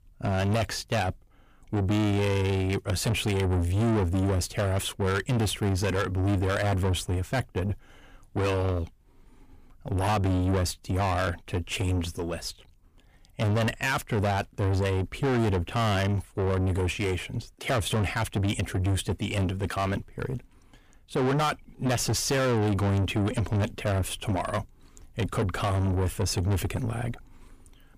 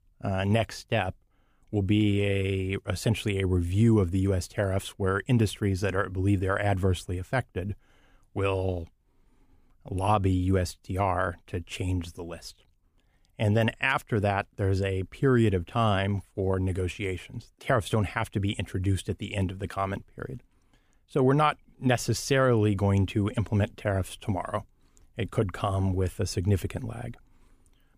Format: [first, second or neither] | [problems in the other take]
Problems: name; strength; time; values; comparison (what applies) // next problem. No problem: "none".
second | distortion; heavy; 7 dB below the speech